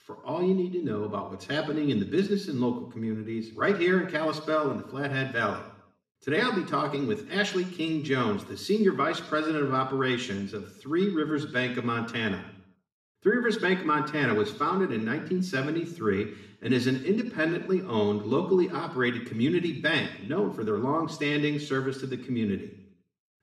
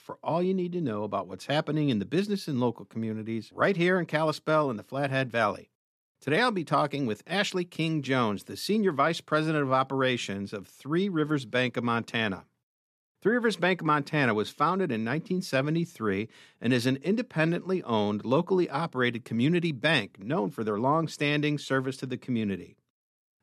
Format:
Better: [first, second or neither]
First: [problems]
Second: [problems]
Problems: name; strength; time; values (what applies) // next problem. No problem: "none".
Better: second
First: room echo; slight; dies away in 0.7 s // off-mic speech; somewhat distant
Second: none